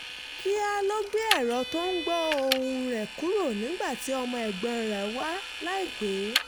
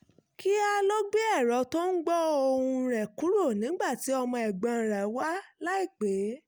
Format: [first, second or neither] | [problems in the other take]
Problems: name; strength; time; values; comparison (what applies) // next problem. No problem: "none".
second | background sound (Vehicle); 6 dB below the speech